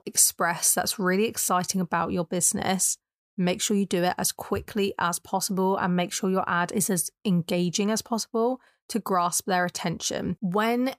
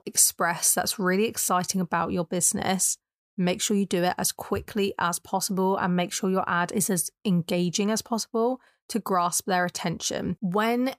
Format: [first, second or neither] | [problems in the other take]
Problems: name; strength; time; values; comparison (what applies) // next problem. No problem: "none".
neither | none